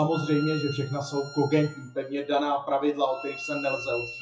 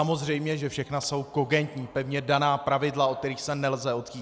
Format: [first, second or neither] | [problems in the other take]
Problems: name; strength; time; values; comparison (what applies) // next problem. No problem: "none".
second | noise reduction (classical method WPE with log-MMSE)